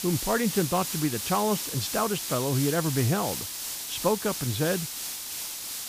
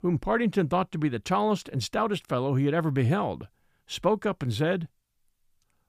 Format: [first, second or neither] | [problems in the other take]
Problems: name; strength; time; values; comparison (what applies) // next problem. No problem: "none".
second | hiss; loud; throughout; 4 dB below the speech